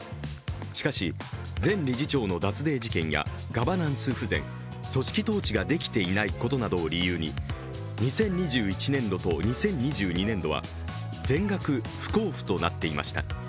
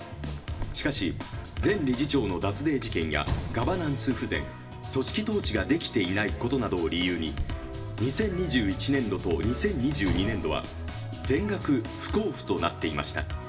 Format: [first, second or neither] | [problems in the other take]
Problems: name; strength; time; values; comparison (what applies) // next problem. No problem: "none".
first | background sound (Sliding door / Slam); 13 dB below the speech // room echo; dies away in 0.6 s